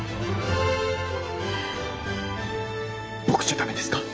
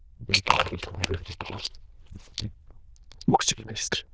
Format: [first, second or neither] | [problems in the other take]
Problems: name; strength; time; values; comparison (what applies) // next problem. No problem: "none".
first | noise reduction (neural diffusion model UNIVERSE++)